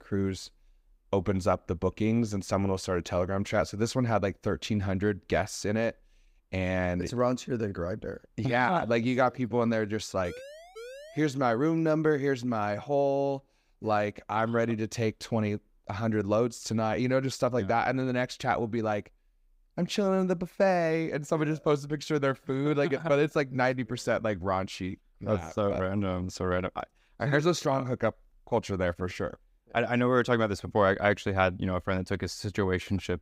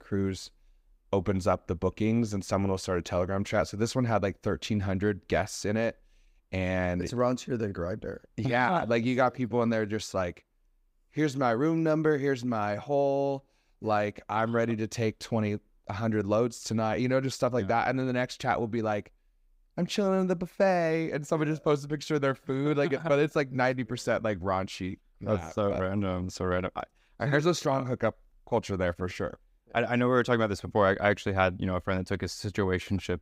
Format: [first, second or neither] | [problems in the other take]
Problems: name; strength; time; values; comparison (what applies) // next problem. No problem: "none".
second | siren; faint; from 10 to 11 s; peak 15 dB below the speech